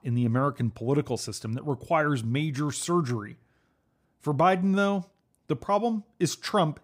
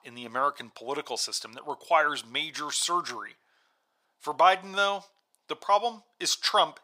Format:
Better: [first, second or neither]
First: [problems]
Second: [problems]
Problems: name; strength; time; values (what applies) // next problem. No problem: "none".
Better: first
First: none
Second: thin; very; fading below 800 Hz